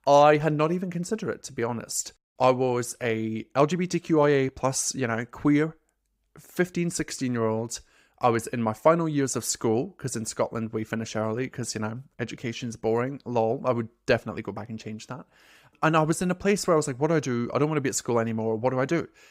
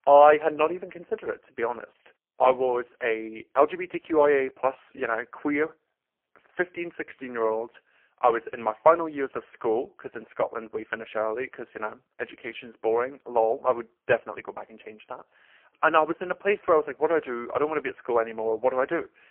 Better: first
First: none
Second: phone-call audio; poor line

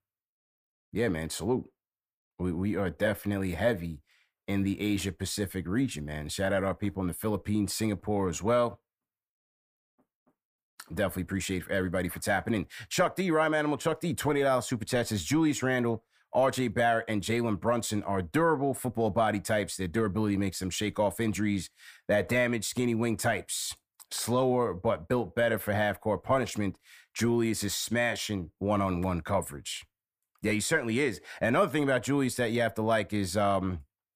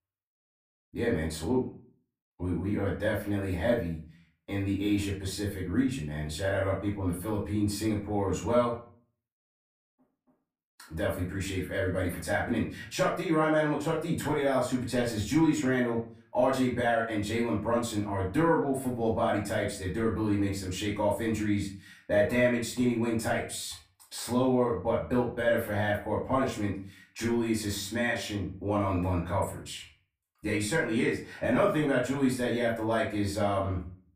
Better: first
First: none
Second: room echo; slight; dies away in 0.4 s // off-mic speech; far

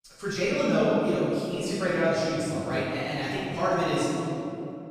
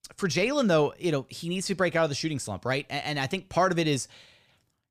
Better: second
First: room echo; strong; dies away in 2.7 s // off-mic speech; far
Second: none

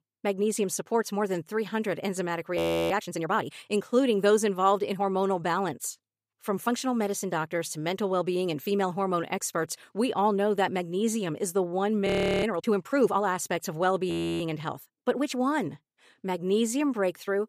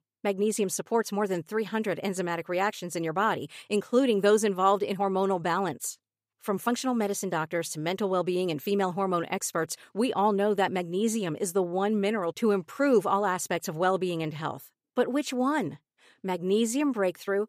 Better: second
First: audio freezing; at 2.5 s, at 12 s and at 14 s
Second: none

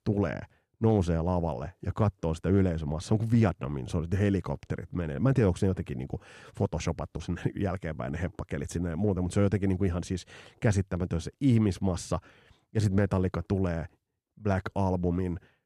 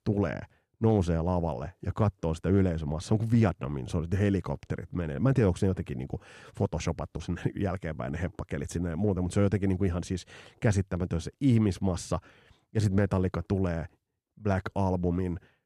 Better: neither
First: none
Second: none

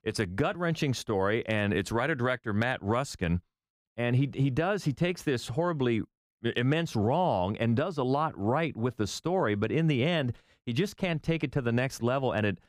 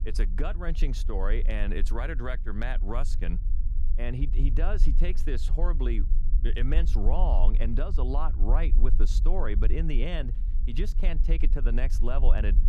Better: first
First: none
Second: low rumble; noticeable; throughout; 15 dB below the speech

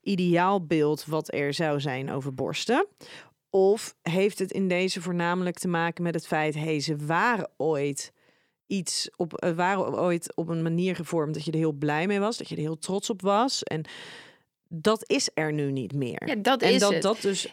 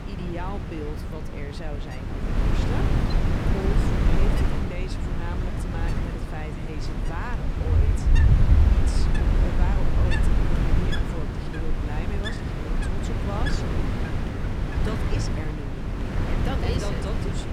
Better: first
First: none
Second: wind noise on the microphone; heavy; 4 dB above the speech

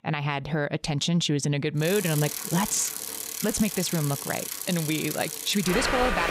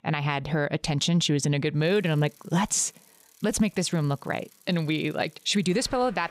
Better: second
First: traffic noise; loud; from 2 s on; 4 dB below the speech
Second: traffic noise; faint; from 2 s on; 25 dB below the speech

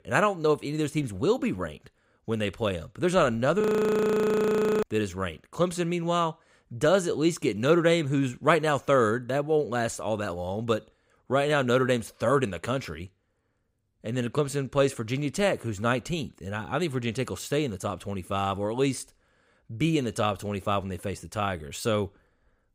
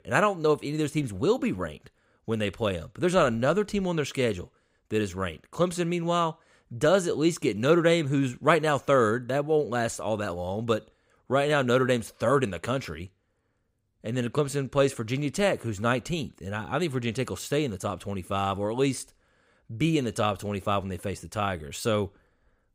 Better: second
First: audio freezing; at 3.5 s for 1 s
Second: none

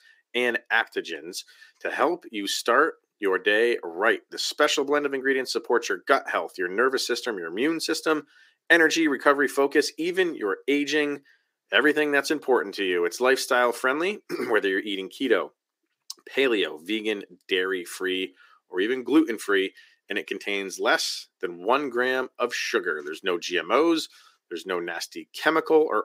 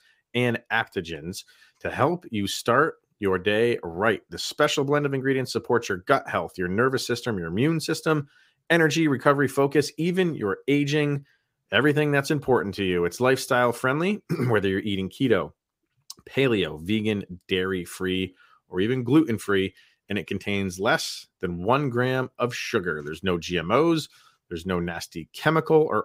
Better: second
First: thin; somewhat; fading below 300 Hz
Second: none

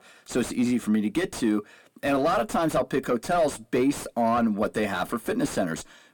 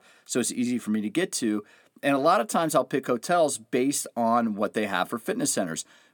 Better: second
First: distortion; heavy; 7 dB below the speech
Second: none

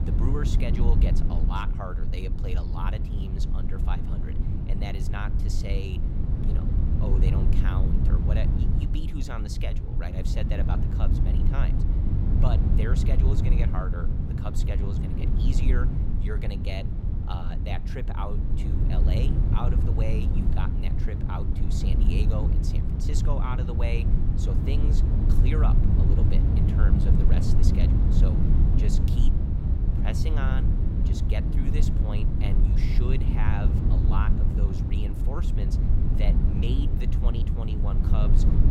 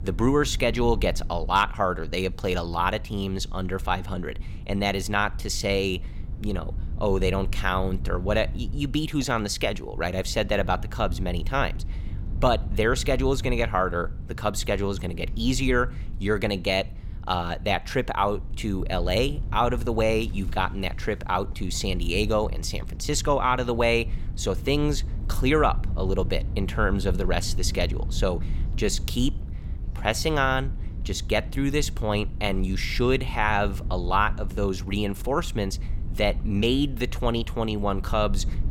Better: second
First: low rumble; loud; throughout; as loud as the speech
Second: low rumble; faint; throughout; 20 dB below the speech

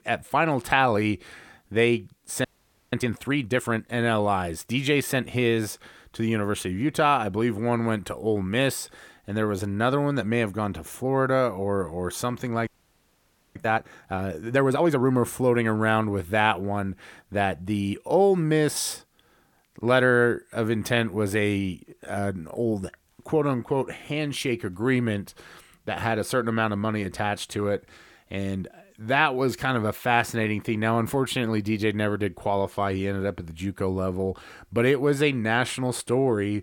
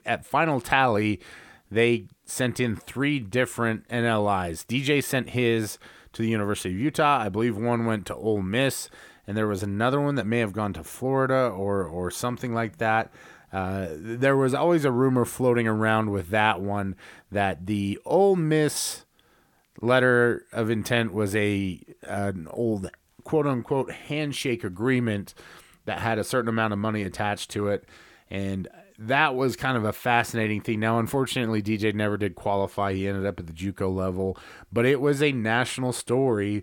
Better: second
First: audio freezing; at 2.5 s and at 13 s for 1 s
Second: none

